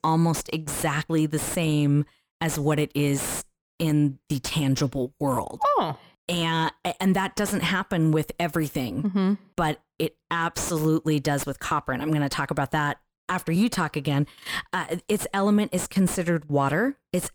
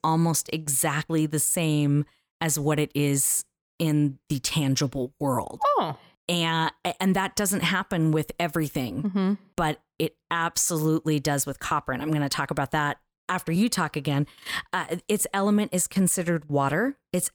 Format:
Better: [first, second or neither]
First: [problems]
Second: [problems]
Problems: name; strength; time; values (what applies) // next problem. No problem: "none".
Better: second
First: distortion; slight; 10 dB below the speech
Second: none